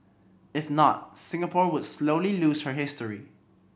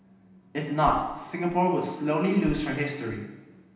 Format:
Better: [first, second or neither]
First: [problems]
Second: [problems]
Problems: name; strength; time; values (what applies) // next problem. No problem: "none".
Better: first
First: none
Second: background sound (Burping, eructation); 14 dB below the speech // room echo; dies away in 0.9 s